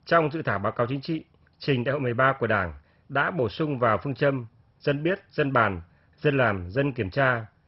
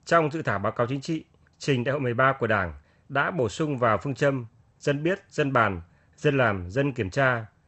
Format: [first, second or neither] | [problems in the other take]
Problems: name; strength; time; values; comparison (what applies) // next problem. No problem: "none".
second | garbled, watery; badly; nothing above 5.5 kHz; slightly in the second